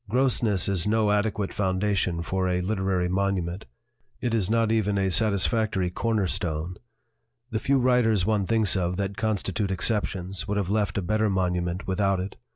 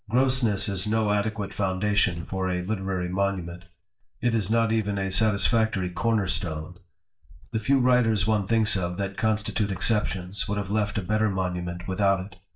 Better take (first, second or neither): first